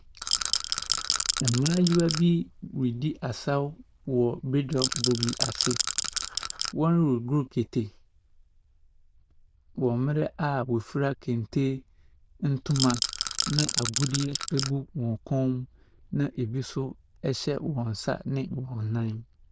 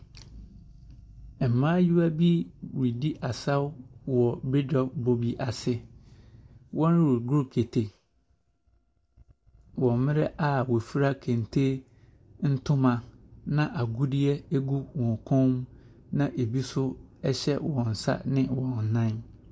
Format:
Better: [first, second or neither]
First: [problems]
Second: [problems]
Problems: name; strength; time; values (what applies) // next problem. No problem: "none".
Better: second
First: noise reduction (neural diffusion model UNIVERSE++)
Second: none